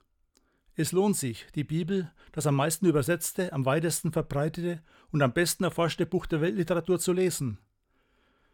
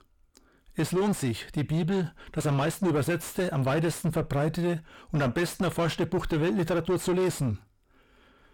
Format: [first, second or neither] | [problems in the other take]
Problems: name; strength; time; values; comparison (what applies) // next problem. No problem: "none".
first | distortion; heavy; 7 dB below the speech